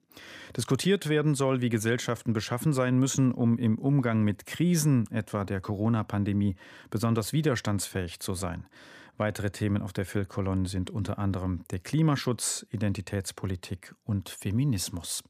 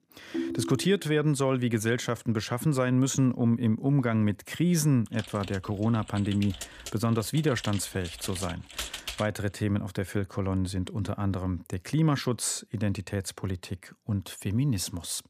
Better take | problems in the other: first | phone ringing; noticeable; at 0.5 s; peak 4 dB below the speech // keyboard typing; noticeable; from 5 to 9.5 s; peak 6 dB below the speech

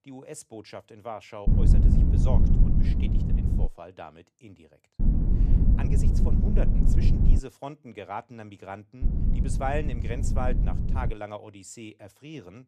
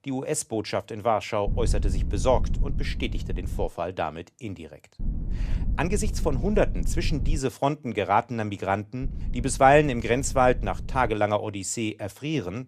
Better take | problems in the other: second | low rumble; loud; from 1.5 to 3.5 s, from 5 to 7.5 s and from 9 to 11 s; 1 dB below the speech; faint in the second

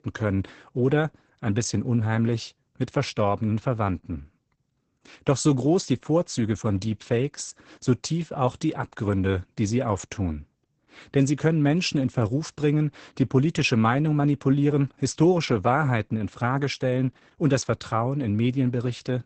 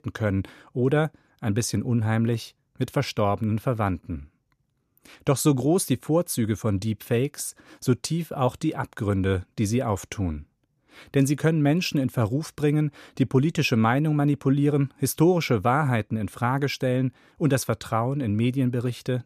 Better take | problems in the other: second | garbled, watery; badly; nothing above 8 kHz

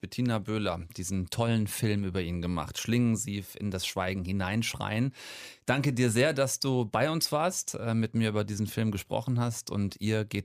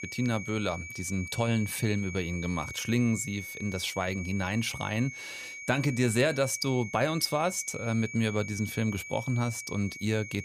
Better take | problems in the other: first | high-pitched whine; loud; throughout; 2.5 kHz, 10 dB below the speech

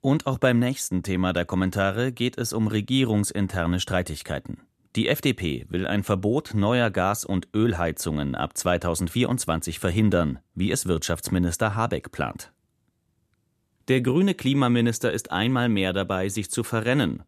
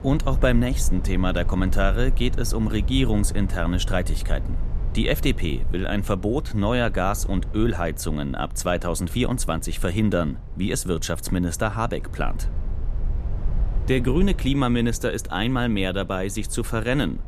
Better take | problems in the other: first | low rumble; noticeable; throughout; 20 dB below the speech

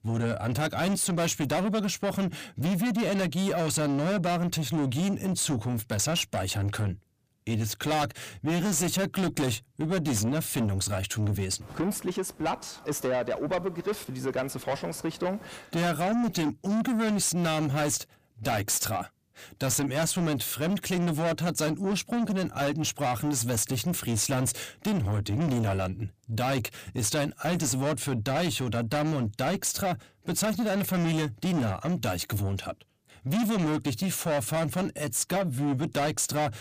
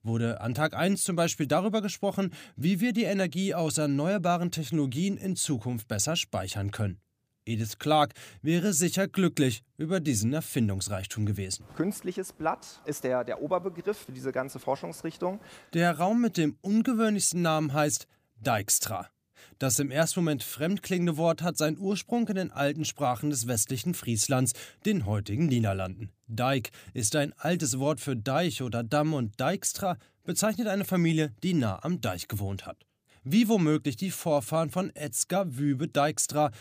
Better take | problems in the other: second | distortion; heavy; 7 dB below the speech

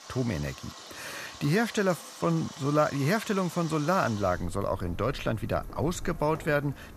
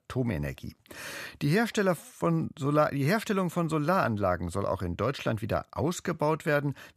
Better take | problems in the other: second | rain or running water; noticeable; throughout; 15 dB below the speech

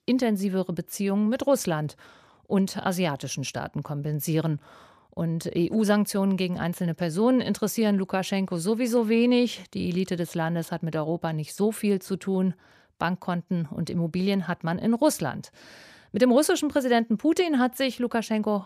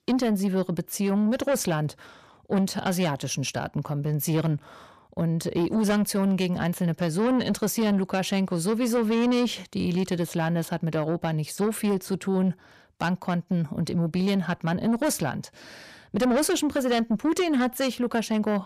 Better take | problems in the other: first | distortion; slight; 10 dB below the speech

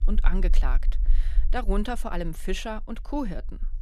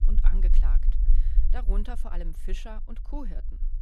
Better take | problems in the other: first | low rumble; loud; throughout; 9 dB below the speech; faint in the first

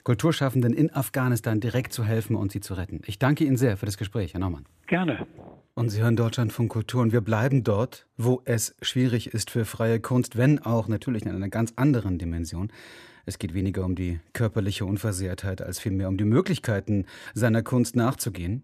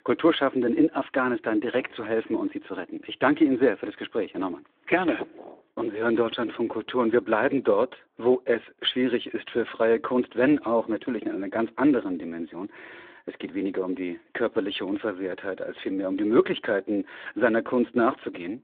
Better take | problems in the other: first | phone-call audio

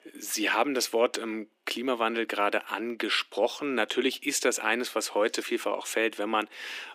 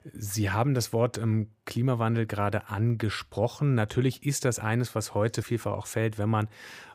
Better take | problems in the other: second | thin; somewhat; fading below 250 Hz

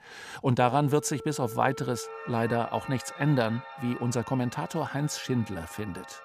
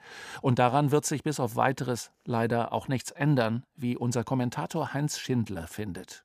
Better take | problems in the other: second | background music; noticeable; throughout; 15 dB below the speech

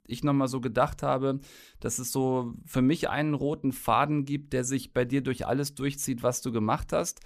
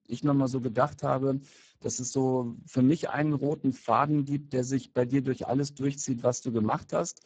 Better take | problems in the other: first | garbled, watery; badly; nothing above 7.5 kHz

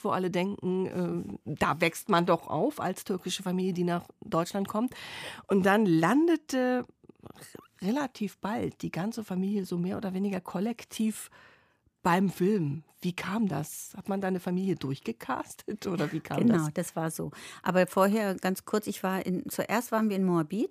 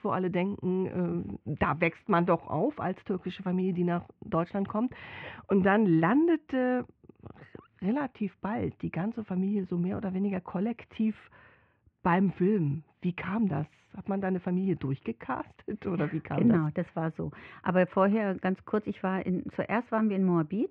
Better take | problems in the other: first | muffled; very; fading above 2.5 kHz

